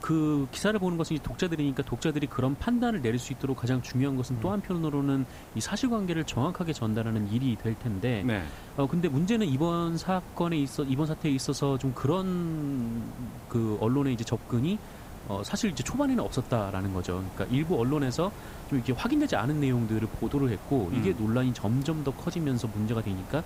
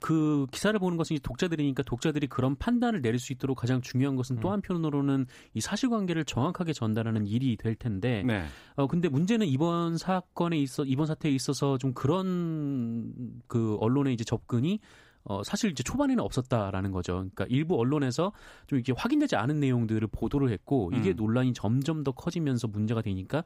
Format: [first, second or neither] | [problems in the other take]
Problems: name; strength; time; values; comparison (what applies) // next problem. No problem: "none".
second | hiss; noticeable; throughout; 15 dB below the speech